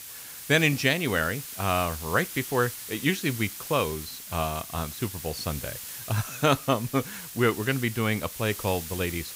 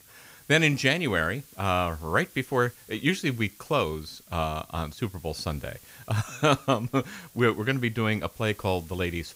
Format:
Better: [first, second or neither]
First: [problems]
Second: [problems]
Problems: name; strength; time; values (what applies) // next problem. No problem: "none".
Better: second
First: hiss; loud; throughout; 9 dB below the speech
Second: hiss; faint; throughout; 25 dB below the speech